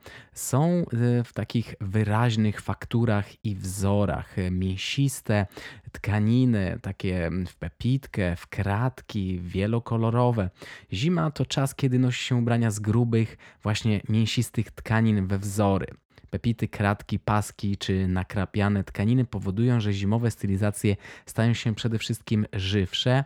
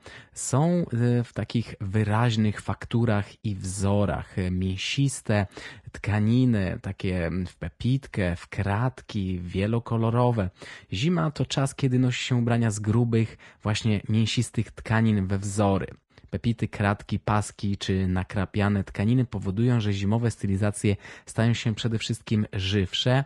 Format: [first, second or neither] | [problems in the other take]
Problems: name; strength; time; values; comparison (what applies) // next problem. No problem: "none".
first | garbled, watery; slightly; nothing above 10.5 kHz